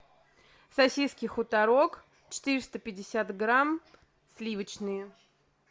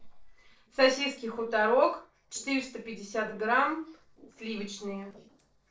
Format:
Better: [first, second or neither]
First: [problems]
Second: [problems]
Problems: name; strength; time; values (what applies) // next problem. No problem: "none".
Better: first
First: none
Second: noise reduction (neural separator model SepFormer DNS4)